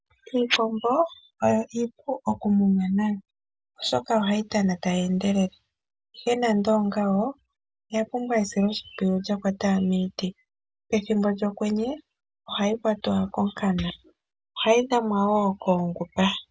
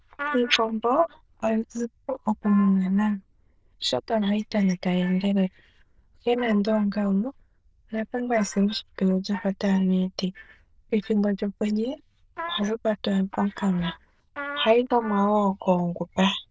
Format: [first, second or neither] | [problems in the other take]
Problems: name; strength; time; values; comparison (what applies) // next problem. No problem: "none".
first | noise reduction (neural diffusion model UNIVERSE++)